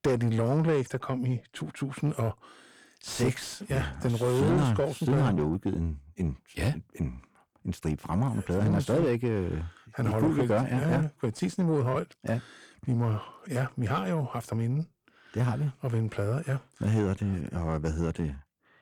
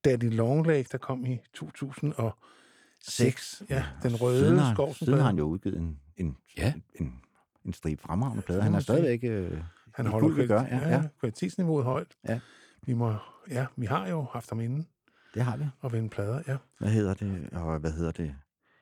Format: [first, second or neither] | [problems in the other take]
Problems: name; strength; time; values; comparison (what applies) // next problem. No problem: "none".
second | distortion; slight; 10 dB below the speech